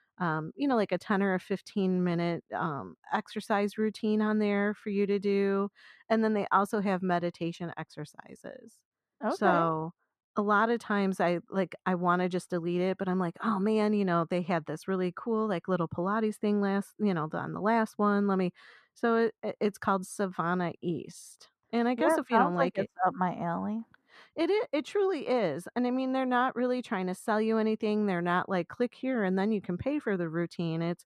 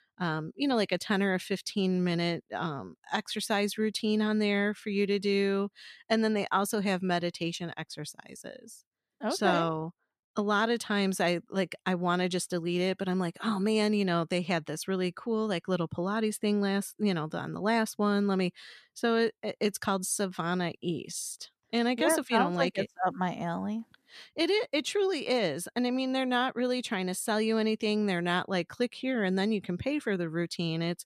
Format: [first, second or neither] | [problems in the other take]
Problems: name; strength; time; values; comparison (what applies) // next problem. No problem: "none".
second | muffled; slightly; fading above 2 kHz